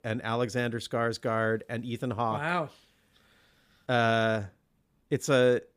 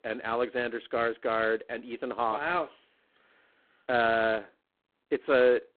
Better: first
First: none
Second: phone-call audio; poor line; nothing above 4 kHz

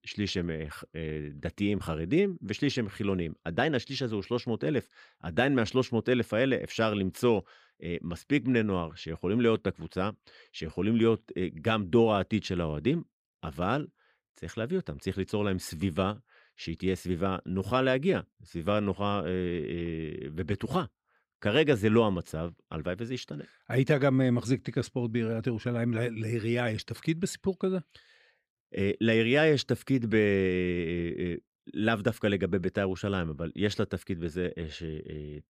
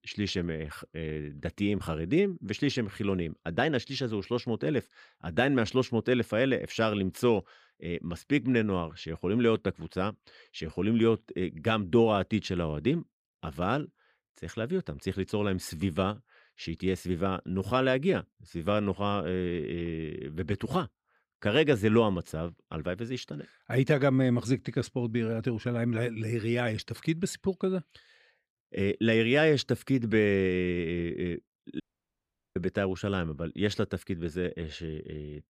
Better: first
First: none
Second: audio cutting out; at 32 s for 0.5 s

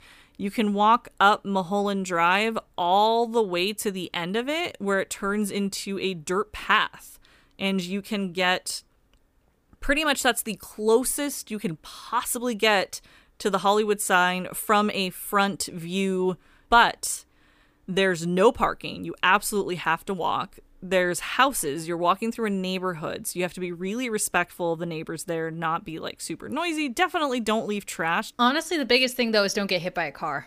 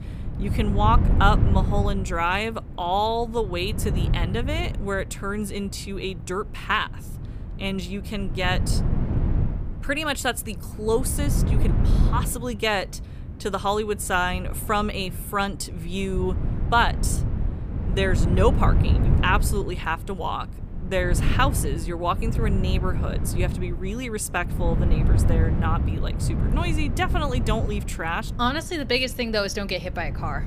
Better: first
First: none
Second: wind noise on the microphone; occasional gusts; 10 dB below the speech

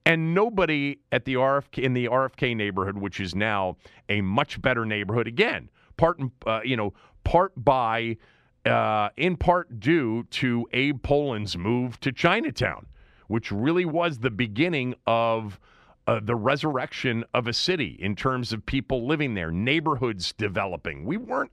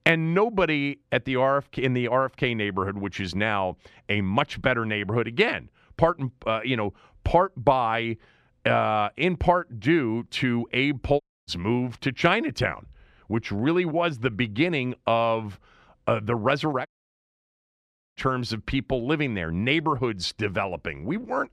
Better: first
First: none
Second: audio cutting out; at 11 s and at 17 s for 1.5 s

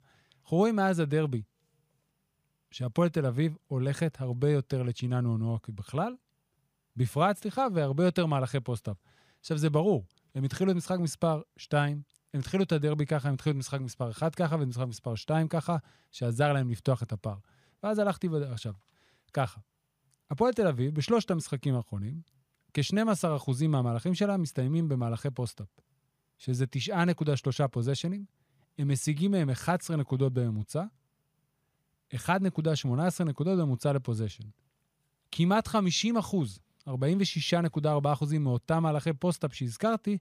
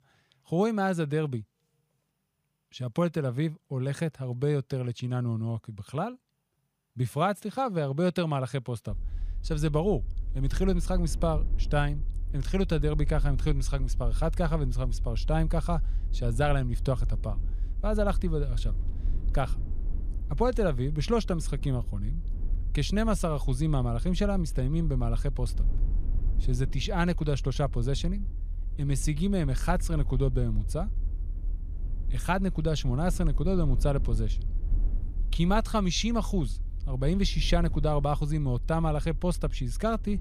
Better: first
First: none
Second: low rumble; faint; from 9 s on; 20 dB below the speech

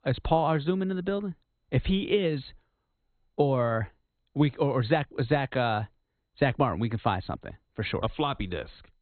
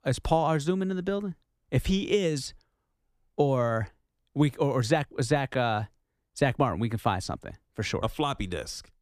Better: second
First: garbled, watery; badly; nothing above 4 kHz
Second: none

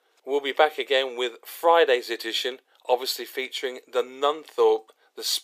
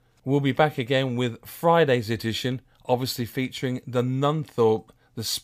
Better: second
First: thin; very; fading below 350 Hz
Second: none

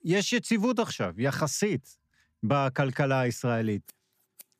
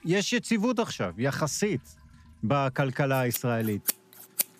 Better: first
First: household noises; faint; throughout; 30 dB below the speech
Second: household noises; loud; throughout; 5 dB below the speech

